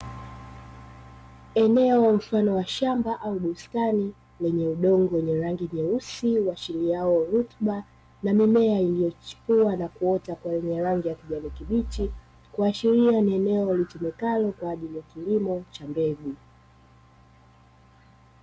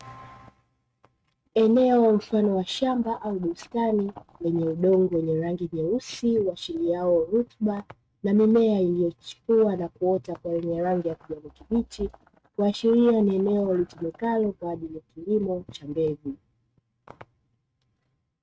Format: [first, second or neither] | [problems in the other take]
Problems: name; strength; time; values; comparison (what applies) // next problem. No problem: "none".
first | noise reduction (neural mask model RNNoise)